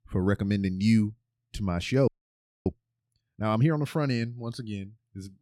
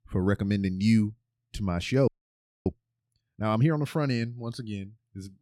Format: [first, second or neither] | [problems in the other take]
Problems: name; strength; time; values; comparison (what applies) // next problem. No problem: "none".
neither | audio freezing; at 2 s for 0.5 s; the same in both